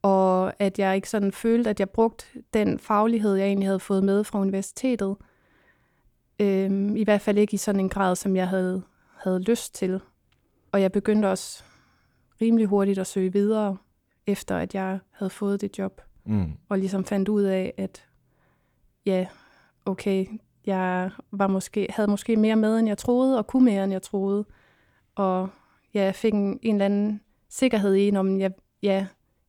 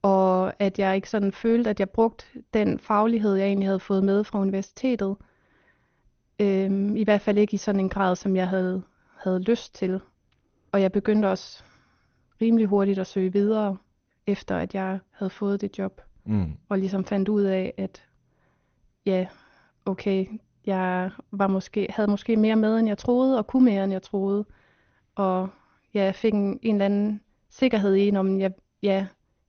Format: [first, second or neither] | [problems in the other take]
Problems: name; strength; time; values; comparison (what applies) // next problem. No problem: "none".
first | garbled, watery; slightly; nothing above 6.5 kHz